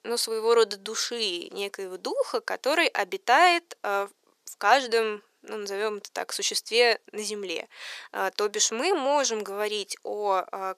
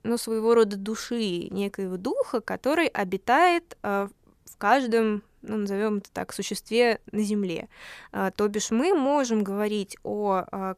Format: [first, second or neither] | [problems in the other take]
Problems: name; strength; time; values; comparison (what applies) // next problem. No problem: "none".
second | thin; somewhat; fading below 400 Hz